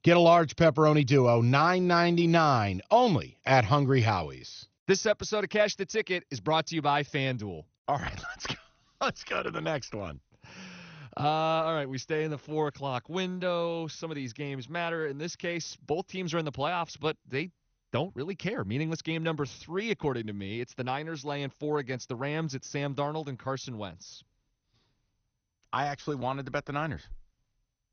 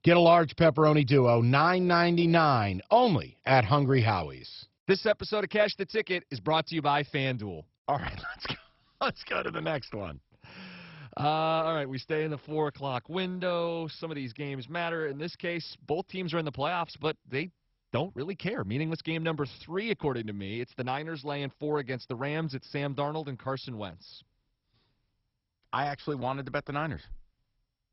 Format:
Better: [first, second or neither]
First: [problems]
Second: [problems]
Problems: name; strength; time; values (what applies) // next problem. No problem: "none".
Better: first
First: garbled, watery; slightly; nothing above 6.5 kHz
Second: garbled, watery; badly; nothing above 5.5 kHz